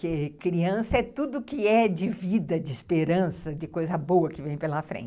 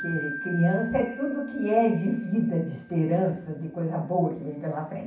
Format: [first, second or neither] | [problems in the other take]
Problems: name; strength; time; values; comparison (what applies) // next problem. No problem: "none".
first | background sound (Wind chime); 14 dB below the speech // room echo; dies away in 0.6 s